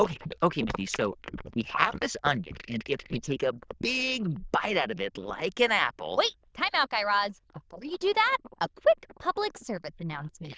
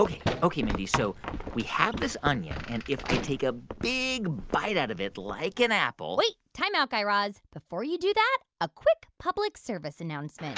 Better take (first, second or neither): second